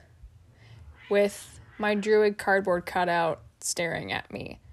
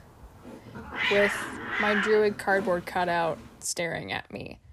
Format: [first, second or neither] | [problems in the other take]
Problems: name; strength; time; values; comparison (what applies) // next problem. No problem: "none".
first | hiss; loud; until 3.5 s; 2 dB below the speech; faint in the first